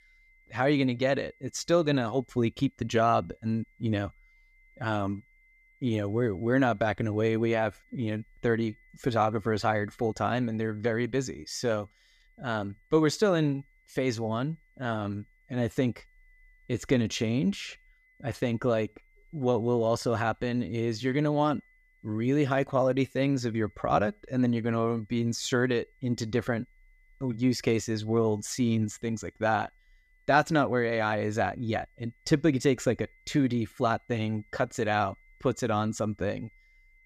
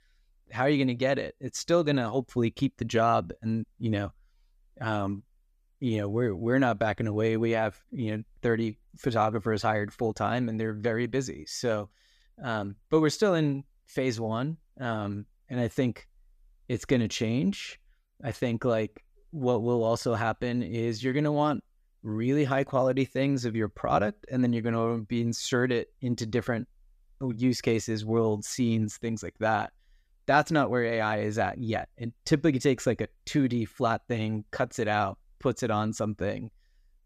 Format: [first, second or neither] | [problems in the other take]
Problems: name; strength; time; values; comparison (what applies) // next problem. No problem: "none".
second | high-pitched whine; faint; throughout; 2 kHz, 35 dB below the speech